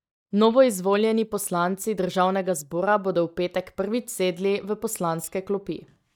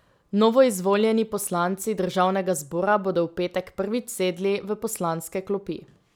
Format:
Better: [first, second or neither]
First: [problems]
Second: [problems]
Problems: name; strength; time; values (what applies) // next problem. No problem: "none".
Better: second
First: noise reduction (neural mask model DeepFilterNet 3)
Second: none